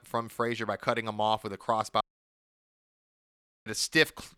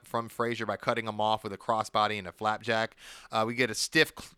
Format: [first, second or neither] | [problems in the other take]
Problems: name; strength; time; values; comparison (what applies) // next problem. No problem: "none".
second | audio cutting out; at 2 s for 1.5 s